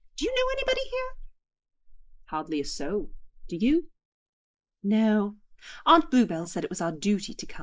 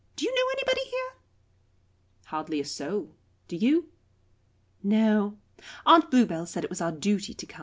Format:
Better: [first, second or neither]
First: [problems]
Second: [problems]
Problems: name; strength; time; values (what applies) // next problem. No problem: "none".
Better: second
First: noise reduction (neural mask model Resemble Enhance denoiser)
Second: none